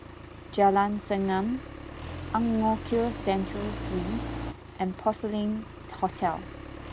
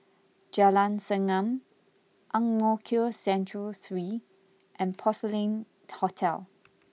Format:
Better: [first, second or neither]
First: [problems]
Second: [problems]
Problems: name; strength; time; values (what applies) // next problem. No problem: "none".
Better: second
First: background sound (Accelerating, revving, vroom); 9 dB below the speech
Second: none